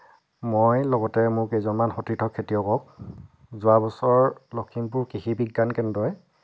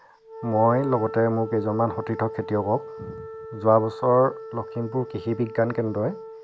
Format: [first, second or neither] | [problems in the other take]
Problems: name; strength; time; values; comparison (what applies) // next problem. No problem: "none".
first | background sound (Wind instrument, woodwind instrument); 13 dB below the speech